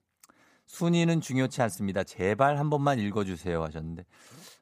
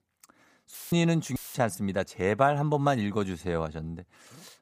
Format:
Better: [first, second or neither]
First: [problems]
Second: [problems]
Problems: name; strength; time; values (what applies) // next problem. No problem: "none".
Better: first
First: none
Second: audio cutting out; filled with static; at 0.5 s and at 1.5 s